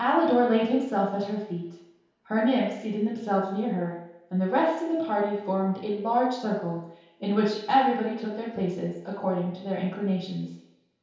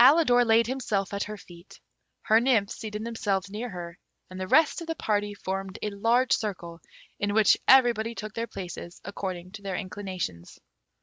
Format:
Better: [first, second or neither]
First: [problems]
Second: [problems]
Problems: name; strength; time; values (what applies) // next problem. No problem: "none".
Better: second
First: room echo; dies away in 0.8 s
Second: none